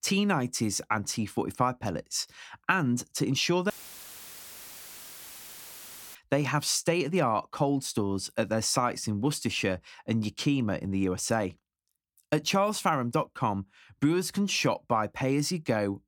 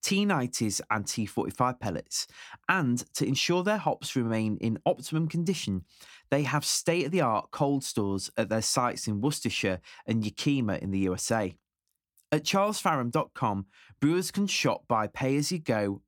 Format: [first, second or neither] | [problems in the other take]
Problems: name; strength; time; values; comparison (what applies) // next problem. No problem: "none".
second | audio cutting out; filled with static; at 3.5 s for 2.5 s